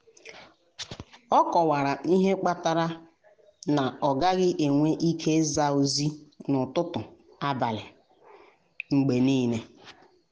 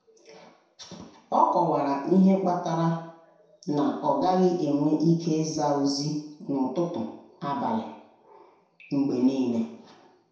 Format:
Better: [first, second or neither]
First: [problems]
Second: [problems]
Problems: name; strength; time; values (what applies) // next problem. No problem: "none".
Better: first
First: none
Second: room echo; dies away in 0.7 s